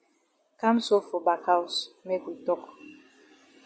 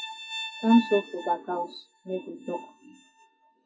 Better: first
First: none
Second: noise reduction (classical method WPE with log-MMSE)

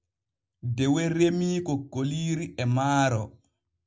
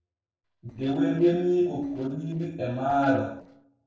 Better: first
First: none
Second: noise reduction (neural separator model SepFormer DNS4)

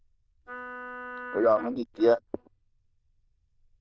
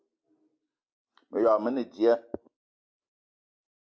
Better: second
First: noise reduction (neural diffusion model UNIVERSE++)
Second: none

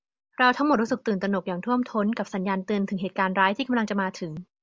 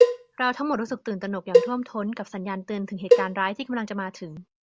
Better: first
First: none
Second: background sound (Cowbell); 4 dB above the speech

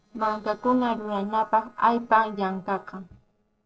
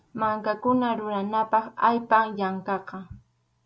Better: second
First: noise reduction (neural separator model SepFormer DNS4)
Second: none

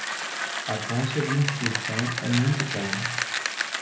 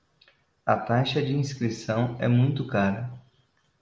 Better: second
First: background sound (Bicycle); 2 dB below the speech // room echo; dies away in 0.4 s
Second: none

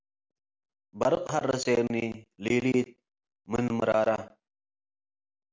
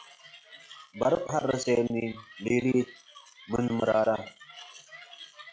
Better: first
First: none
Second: noise reduction (classical method log-MMSE)

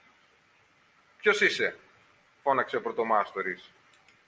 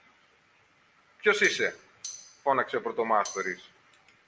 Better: first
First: none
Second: background sound (Tambourine); 14 dB below the speech

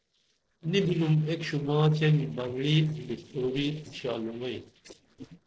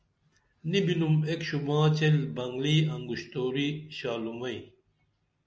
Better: second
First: noise reduction (neural separator model SepFormer DNS4)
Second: none

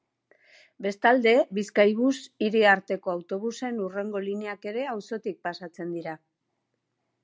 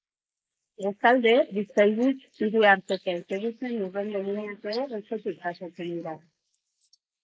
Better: first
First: none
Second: noise reduction (neural mask model Resemble Enhance denoiser)

